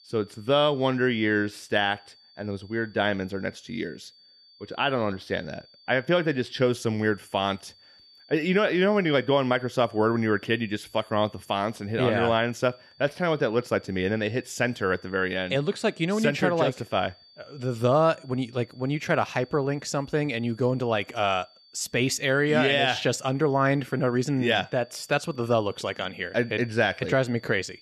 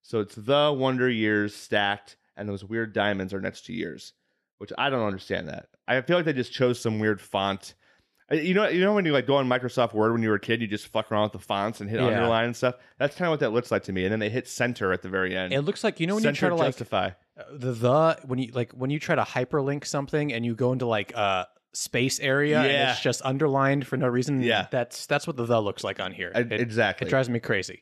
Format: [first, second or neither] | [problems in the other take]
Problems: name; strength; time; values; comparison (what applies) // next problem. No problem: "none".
second | high-pitched whine; faint; throughout; 4.5 kHz, 25 dB below the speech